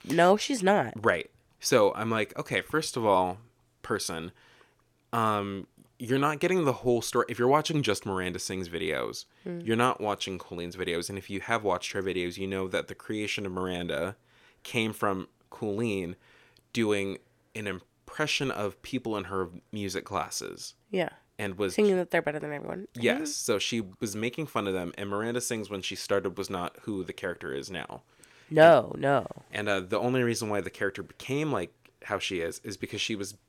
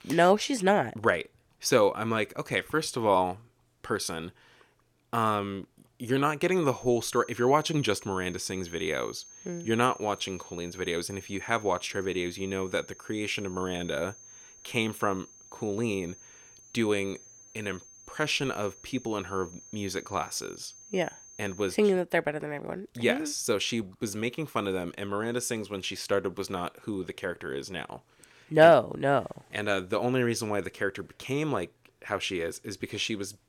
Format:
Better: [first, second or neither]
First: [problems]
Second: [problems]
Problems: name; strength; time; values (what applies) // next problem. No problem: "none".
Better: first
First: none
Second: high-pitched whine; noticeable; from 6.5 to 22 s; 6.5 kHz, 20 dB below the speech